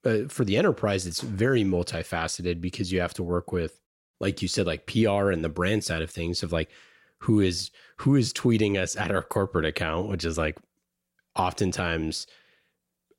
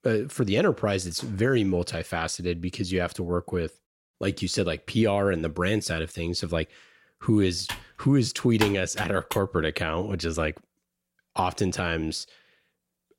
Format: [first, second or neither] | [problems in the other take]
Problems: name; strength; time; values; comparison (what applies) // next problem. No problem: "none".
first | keyboard typing; noticeable; from 7.5 to 9.5 s; peak 4 dB below the speech